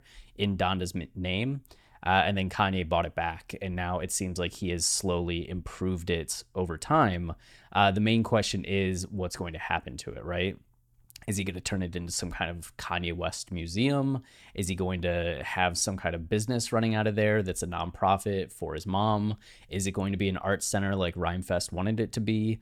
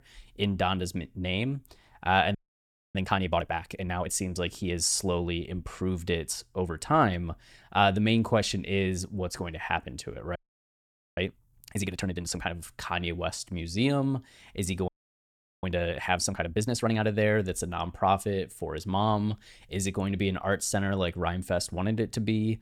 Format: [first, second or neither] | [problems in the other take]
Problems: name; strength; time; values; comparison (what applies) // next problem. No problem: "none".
first | audio freezing; at 2.5 s for 0.5 s, at 10 s for 1 s and at 15 s for 1 s